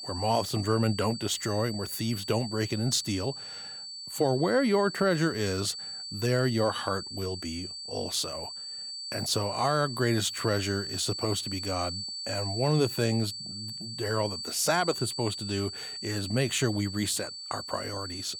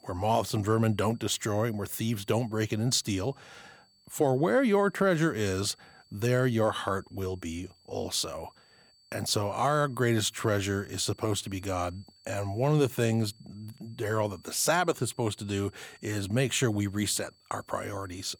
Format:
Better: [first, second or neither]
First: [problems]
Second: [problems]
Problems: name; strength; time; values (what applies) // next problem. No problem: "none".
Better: second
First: high-pitched whine; loud; throughout; 4.5 kHz, 7 dB below the speech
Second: high-pitched whine; faint; throughout; 4.5 kHz, 30 dB below the speech